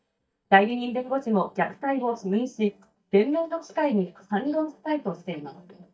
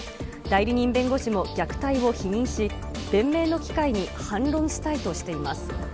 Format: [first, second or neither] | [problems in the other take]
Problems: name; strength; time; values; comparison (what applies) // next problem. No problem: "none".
second | noise reduction (neural mask model DeepFilterNet 3)